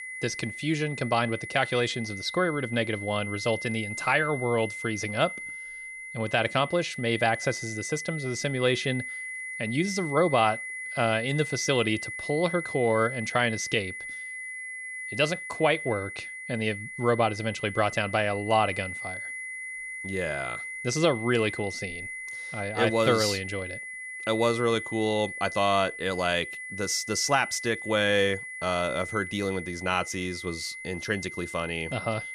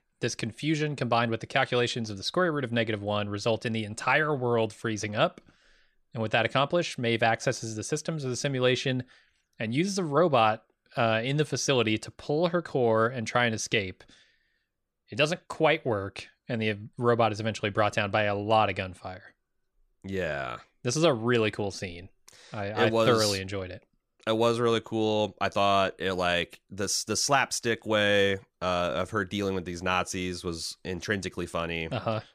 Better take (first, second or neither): second